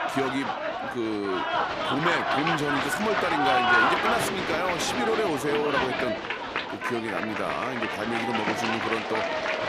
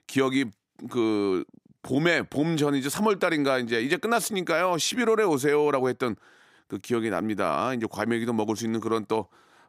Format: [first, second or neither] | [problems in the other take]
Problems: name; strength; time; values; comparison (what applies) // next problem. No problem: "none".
second | crowd noise; very loud; throughout; 3 dB above the speech